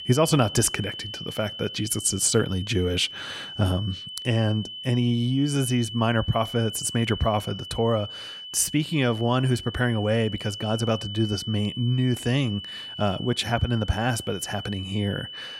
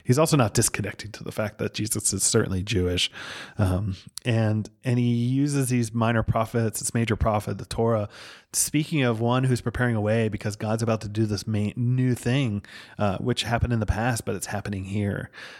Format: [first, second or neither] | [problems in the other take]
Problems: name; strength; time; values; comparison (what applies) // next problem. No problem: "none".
second | high-pitched whine; noticeable; throughout; 3 kHz, 10 dB below the speech